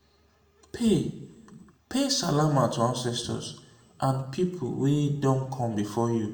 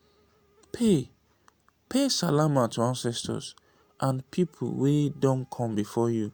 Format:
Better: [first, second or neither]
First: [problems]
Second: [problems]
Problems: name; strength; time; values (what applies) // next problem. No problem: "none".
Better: second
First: room echo; dies away in 0.7 s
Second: none